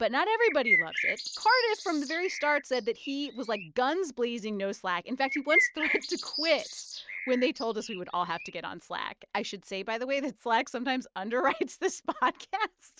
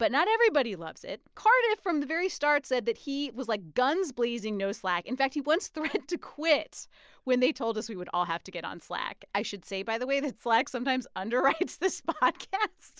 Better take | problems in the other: second | noise reduction (neural mask model RNNoise)

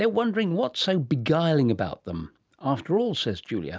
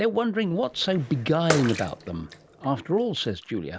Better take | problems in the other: first | background sound (Bathtub (filling or washing) / Water / Splash, splatter); 10 dB below the speech

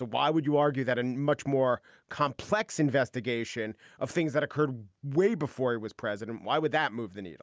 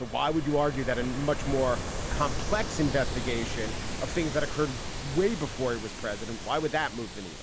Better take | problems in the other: first | background sound (Ocean); 4 dB below the speech

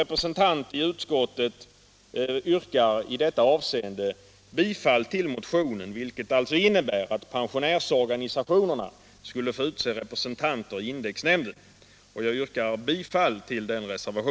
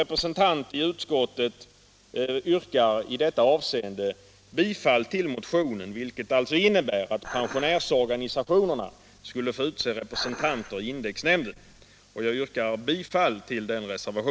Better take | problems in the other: first | background sound (Dishes, pots, and pans); 15 dB below the speech

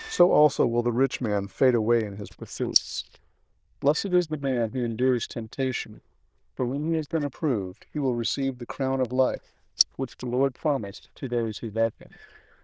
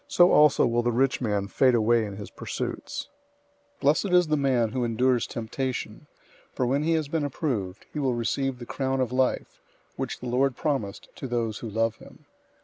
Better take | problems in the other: second | noise reduction (neural diffusion model UNIVERSE++)

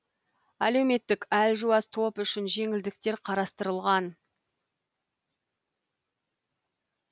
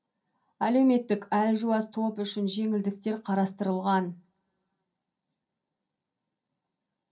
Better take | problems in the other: first | room echo; dies away in 0.3 s

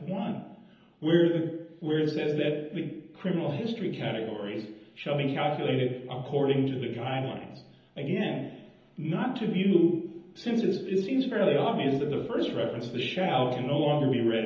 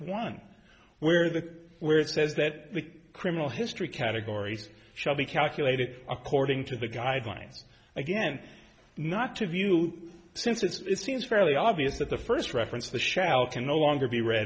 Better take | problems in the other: second | room echo; dies away in 0.9 s

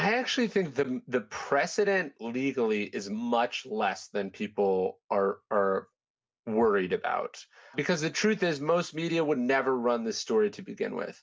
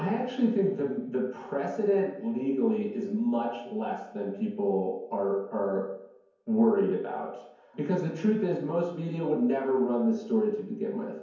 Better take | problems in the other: first | room echo; dies away in 0.9 s

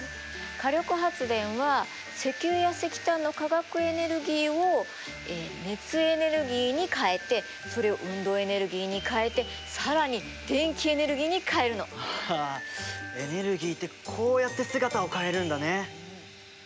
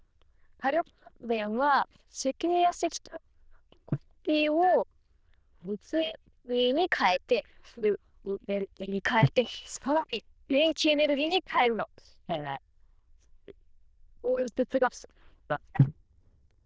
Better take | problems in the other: first | noise reduction (neural diffusion model UNIVERSE++)

